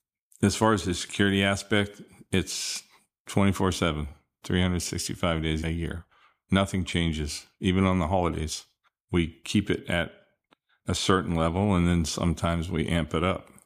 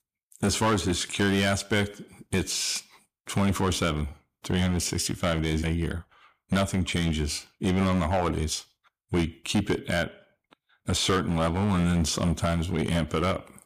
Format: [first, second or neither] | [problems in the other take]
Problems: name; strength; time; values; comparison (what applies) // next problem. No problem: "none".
first | distortion; heavy; 8% of the sound clipped